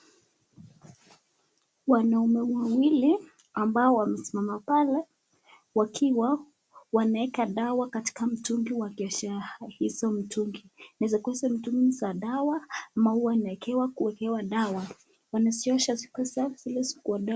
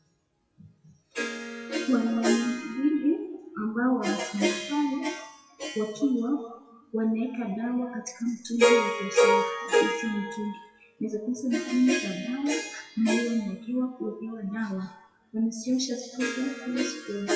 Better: first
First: none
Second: noise reduction (classical method WPE with log-MMSE)

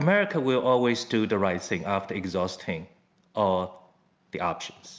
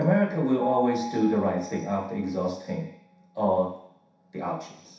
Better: first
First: none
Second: background sound (Piano); 13 dB below the speech // room echo; dies away in 0.7 s

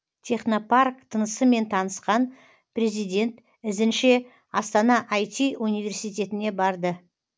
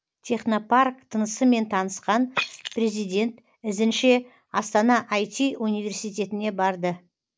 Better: first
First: none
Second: noise reduction (neural mask model Resemble Enhance denoiser)

